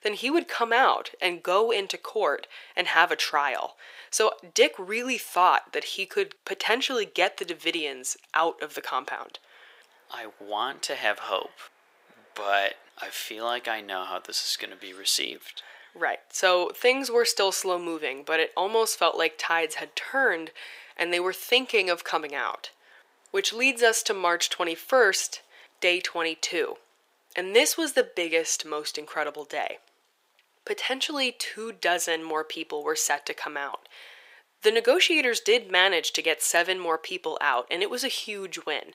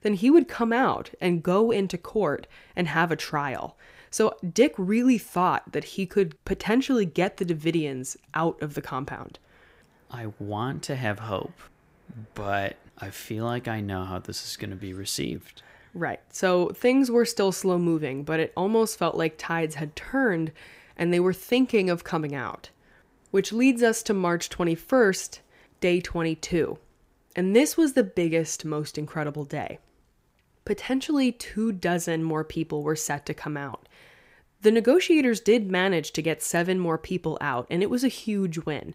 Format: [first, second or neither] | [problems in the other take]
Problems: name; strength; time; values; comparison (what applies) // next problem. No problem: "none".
second | thin; very; fading below 500 Hz